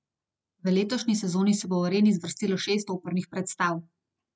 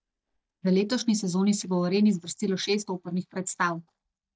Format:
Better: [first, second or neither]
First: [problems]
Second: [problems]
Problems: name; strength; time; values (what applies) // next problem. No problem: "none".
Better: first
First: none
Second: noise reduction (neural mask model DeepFilterNet 3)